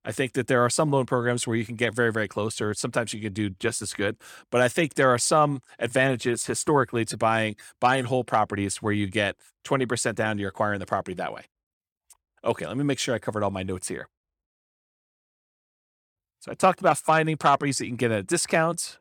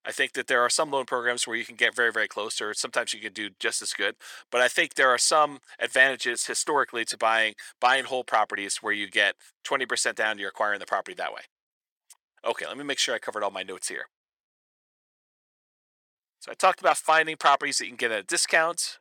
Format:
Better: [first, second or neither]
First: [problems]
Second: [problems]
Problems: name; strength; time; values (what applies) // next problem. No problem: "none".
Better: first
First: none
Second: thin; very; fading below 550 Hz